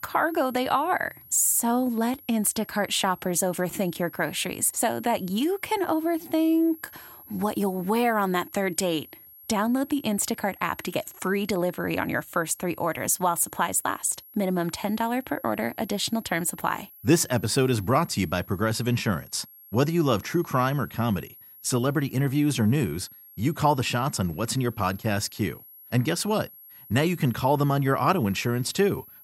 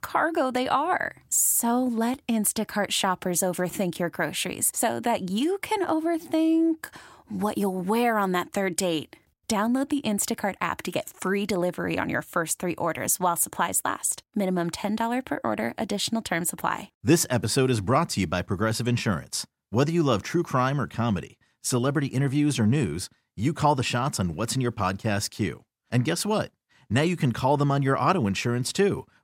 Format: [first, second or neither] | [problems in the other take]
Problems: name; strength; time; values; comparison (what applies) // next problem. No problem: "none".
second | high-pitched whine; faint; throughout; 11.5 kHz, 20 dB below the speech